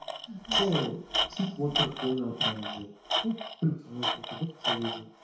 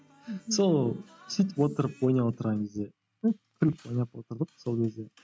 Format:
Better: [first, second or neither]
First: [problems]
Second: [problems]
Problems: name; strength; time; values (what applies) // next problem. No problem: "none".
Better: second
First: background sound (Tools); as loud as the speech // room echo; dies away in 0.6 s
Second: none